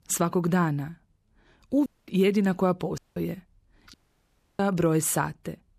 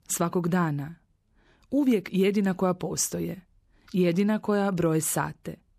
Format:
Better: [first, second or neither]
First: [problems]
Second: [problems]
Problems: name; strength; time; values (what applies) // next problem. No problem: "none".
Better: second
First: audio cutting out; at 2 s, at 3 s and at 4 s for 0.5 s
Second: none